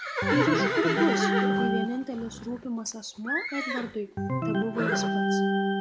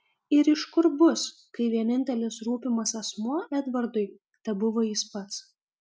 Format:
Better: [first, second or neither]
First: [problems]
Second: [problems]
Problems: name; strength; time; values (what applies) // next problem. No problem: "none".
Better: second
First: background sound (Organ + Livestock, farm animals, working animals); 5 dB above the speech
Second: none